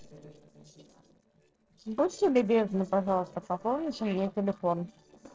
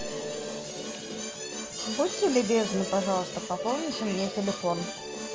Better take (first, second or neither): second